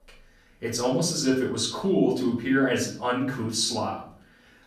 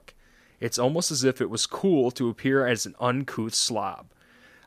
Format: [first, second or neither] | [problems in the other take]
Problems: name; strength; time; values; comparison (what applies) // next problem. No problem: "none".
second | off-mic speech; far // room echo; slight; dies away in 0.4 s